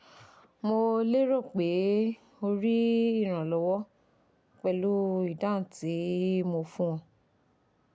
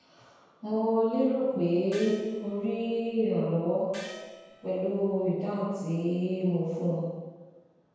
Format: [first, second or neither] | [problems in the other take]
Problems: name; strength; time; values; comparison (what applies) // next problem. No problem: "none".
first | background sound (Gong); 19 dB below the speech // room echo; dies away in 1.2 s